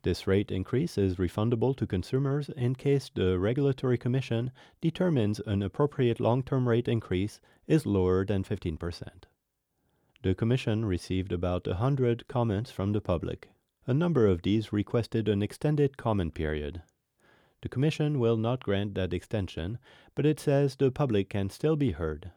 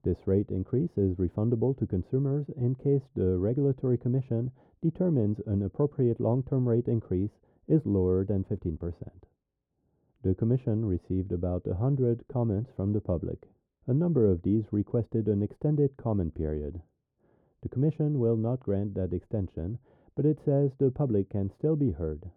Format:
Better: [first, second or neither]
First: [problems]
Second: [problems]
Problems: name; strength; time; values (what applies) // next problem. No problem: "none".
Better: first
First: none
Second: muffled; very; fading above 1.5 kHz